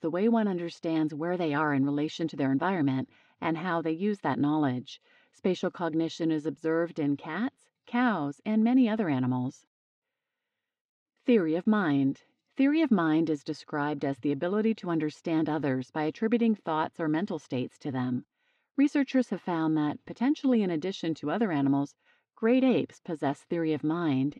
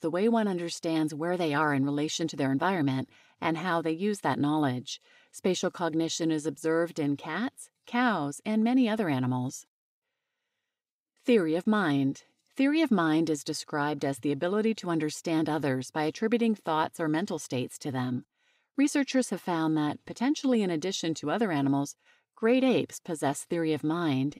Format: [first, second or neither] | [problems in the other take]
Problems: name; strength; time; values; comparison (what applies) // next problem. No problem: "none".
second | muffled; slightly; fading above 3.5 kHz